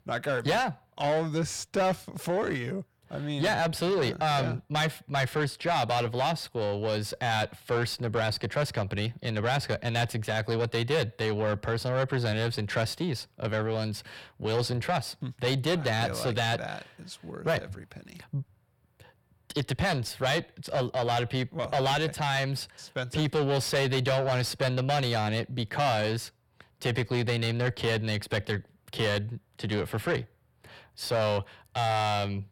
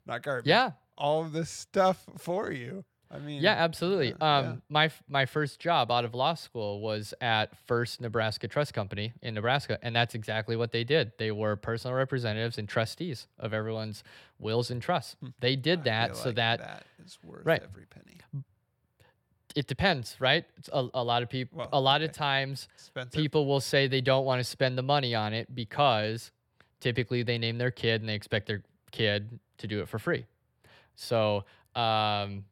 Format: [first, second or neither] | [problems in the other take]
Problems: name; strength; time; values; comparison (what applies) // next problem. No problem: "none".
second | distortion; heavy; 6 dB below the speech